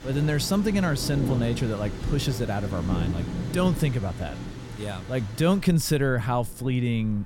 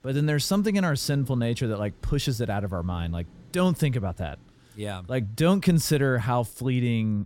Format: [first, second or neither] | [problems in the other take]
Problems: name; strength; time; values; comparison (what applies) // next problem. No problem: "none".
second | rain or running water; loud; throughout; 7 dB below the speech; faint in the second